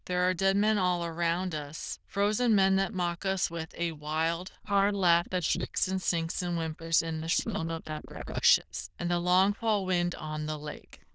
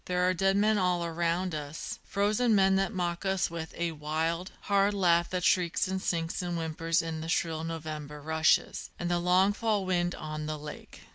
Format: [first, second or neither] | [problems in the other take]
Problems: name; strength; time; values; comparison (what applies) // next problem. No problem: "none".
second | noise reduction (neural diffusion model UNIVERSE++)